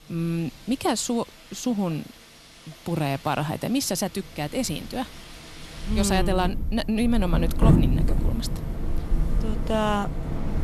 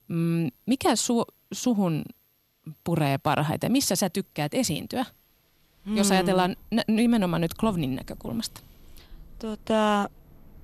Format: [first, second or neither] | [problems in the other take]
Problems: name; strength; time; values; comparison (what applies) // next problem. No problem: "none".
second | wind in the background; loud; throughout; as loud as the speech; faint in the second